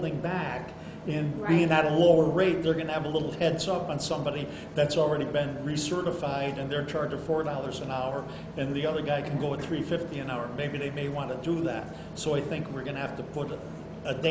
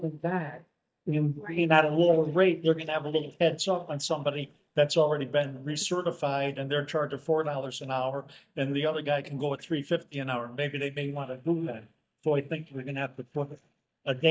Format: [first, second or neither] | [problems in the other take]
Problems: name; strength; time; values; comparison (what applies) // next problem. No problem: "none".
first | noise reduction (neural mask model DeepFilterNet 3)